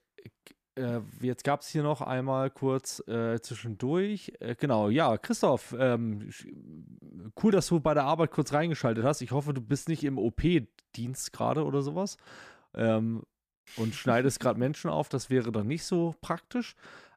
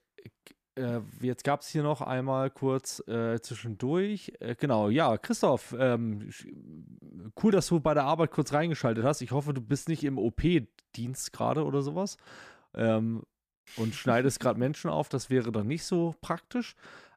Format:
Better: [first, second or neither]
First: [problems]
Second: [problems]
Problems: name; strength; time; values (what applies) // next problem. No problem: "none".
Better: neither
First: none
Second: none